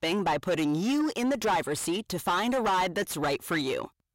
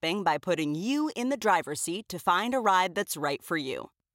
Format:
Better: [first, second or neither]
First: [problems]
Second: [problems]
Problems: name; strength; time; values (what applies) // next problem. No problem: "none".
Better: second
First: distortion; heavy; 7 dB below the speech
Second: none